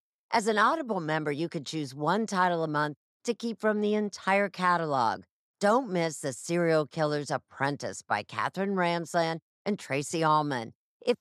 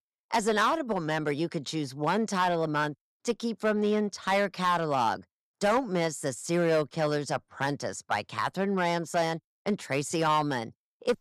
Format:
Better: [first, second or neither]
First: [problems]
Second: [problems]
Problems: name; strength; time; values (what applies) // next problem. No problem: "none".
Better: first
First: none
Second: distortion; slight; 4% of the sound clipped